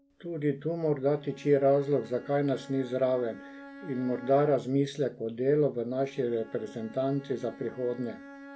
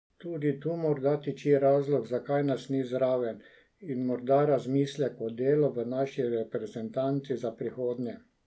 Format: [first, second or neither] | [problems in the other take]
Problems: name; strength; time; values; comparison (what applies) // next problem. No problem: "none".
second | background sound (Bowed string instrument); 19 dB below the speech